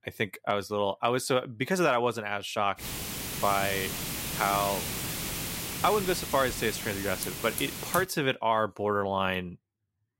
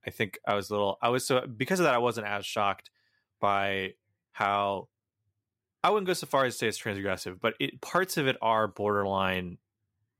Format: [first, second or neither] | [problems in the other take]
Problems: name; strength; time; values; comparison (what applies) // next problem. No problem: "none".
second | hiss; loud; from 3 to 8 s; 4 dB below the speech